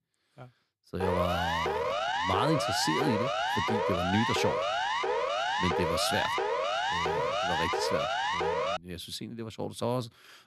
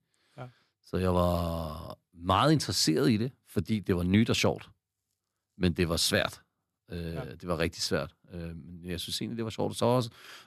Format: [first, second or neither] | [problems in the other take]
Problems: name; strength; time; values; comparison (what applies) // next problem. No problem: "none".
second | siren; loud; from 1 to 9 s; peak 5 dB above the speech